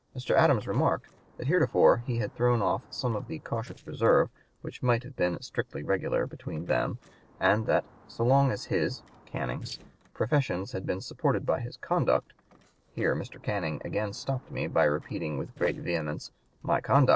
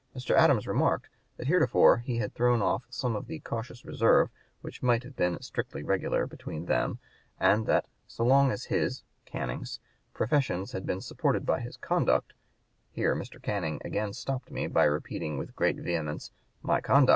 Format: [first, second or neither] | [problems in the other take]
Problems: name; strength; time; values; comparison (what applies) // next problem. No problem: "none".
second | noise reduction (neural separator model SepFormer DNS4)